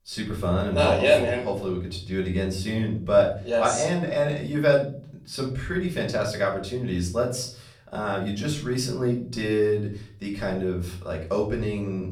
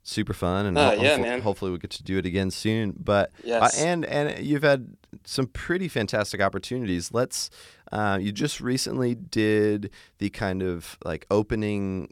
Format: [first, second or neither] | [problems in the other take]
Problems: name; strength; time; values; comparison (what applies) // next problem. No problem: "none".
second | off-mic speech; far // room echo; slight; dies away in 0.6 s